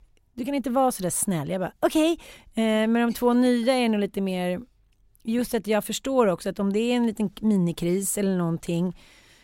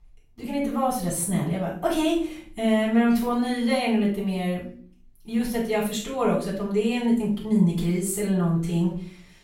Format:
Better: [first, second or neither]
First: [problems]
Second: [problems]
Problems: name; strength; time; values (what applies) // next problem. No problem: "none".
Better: first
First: none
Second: off-mic speech; far // room echo; noticeable; dies away in 0.4 s